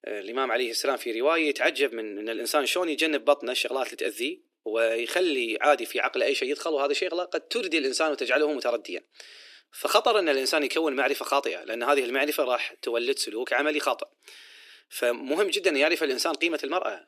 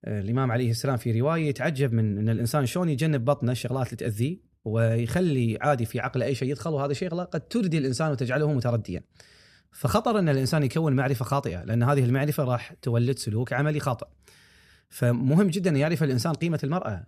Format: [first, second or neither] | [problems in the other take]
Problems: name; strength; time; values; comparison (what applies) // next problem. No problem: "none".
second | thin; very; fading below 300 Hz